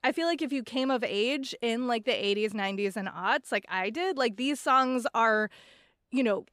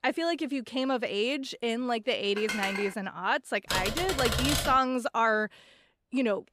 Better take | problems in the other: first | clattering dishes; noticeable; at 2.5 s; peak 3 dB below the speech // keyboard typing; loud; from 3.5 to 5 s; peak 2 dB above the speech

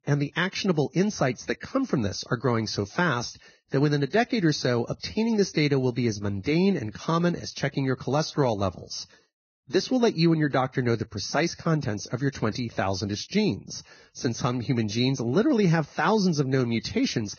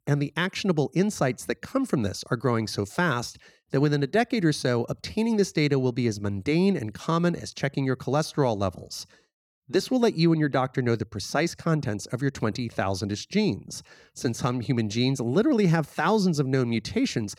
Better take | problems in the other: second | garbled, watery; badly; nothing above 6.5 kHz

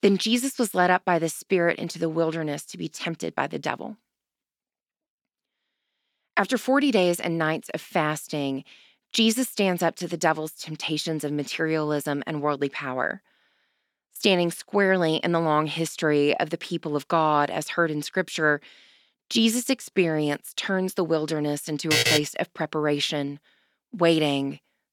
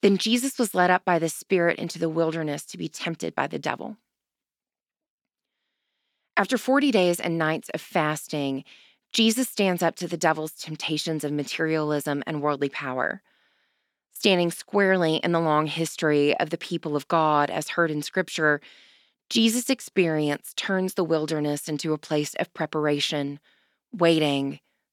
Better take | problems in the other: second | alarm; loud; at 22 s; peak 5 dB above the speech

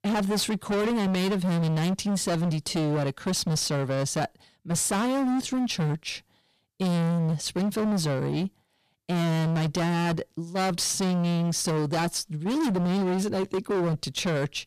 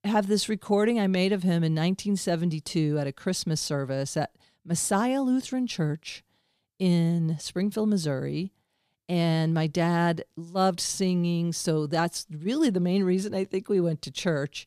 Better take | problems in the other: second | distortion; heavy; 34% of the sound clipped

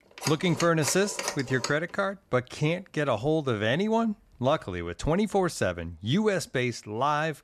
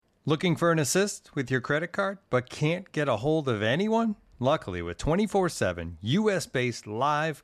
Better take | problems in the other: second | phone ringing; noticeable; until 1.5 s; peak 5 dB below the speech

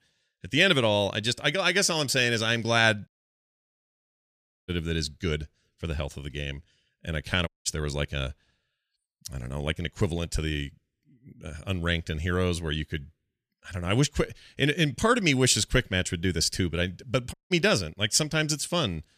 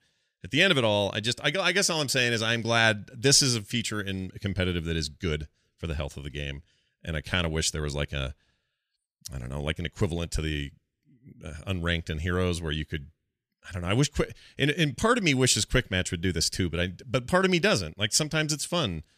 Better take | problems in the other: second | audio cutting out; at 3 s for 1.5 s, at 7.5 s and at 17 s

